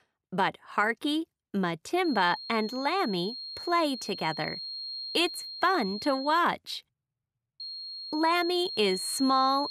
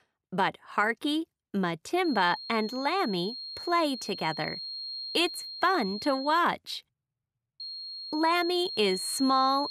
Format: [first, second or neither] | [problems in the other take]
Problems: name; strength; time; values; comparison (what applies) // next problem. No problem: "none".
neither | high-pitched whine; loud; from 2 to 6.5 s and from 7.5 s on; 4.5 kHz, 8 dB below the speech; the same in both